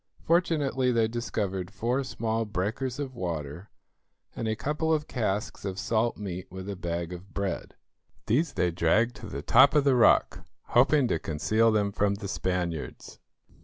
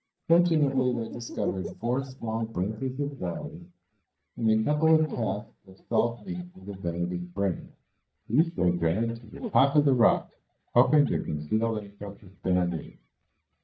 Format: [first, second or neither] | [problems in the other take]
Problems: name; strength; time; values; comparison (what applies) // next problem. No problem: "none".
first | noise reduction (neural mask model DeepFilterNet 3)